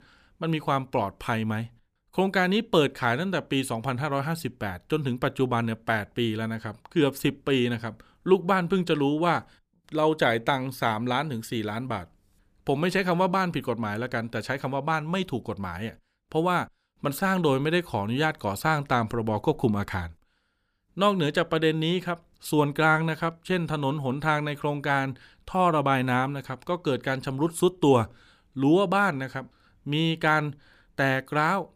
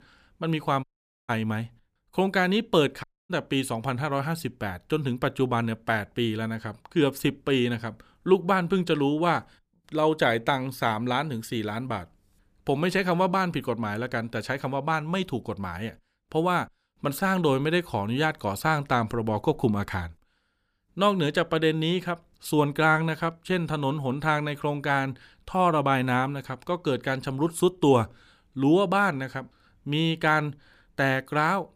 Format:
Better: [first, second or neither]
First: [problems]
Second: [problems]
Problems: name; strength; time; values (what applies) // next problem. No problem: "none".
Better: first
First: none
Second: audio cutting out; at 1 s and at 3 s